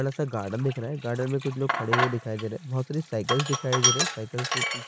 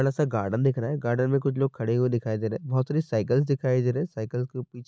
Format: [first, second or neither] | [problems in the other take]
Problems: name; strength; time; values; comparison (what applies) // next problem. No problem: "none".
second | background sound (Sink (filling or washing)); 1 dB below the speech